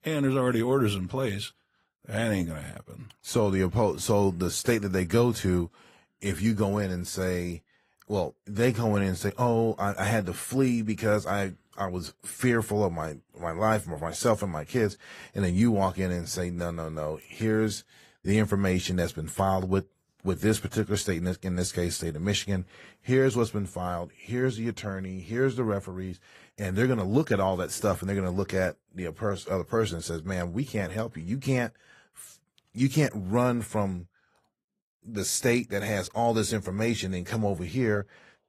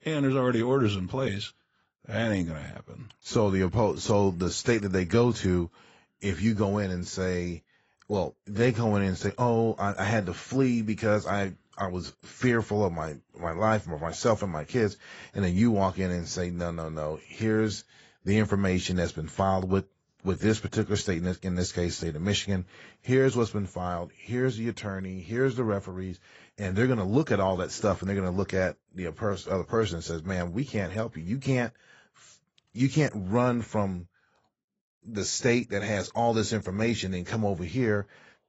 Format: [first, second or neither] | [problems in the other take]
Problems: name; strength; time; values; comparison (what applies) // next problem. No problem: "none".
first | garbled, watery; badly; nothing above 7.5 kHz; slightly in the first